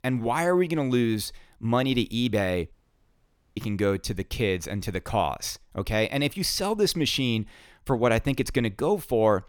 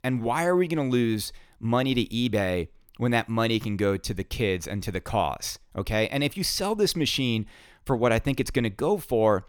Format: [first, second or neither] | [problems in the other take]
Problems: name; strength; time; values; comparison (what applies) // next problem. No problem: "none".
second | audio cutting out; at 2.5 s for 1 s